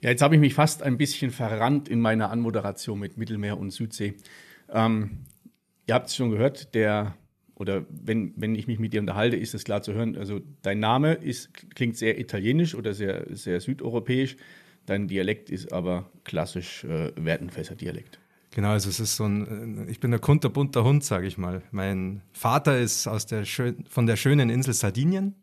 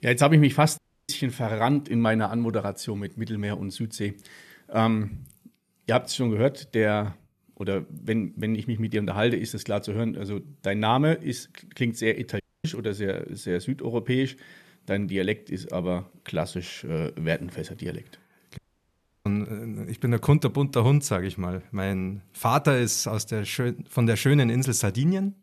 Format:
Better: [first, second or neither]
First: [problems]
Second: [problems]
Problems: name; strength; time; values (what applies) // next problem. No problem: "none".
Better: first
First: none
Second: audio cutting out; at 1 s, at 12 s and at 19 s for 0.5 s